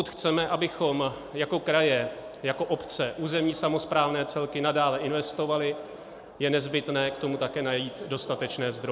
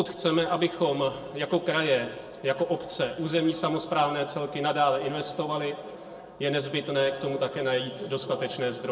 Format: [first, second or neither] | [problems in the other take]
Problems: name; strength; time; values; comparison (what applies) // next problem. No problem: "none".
first | room echo; dies away in 1.1 s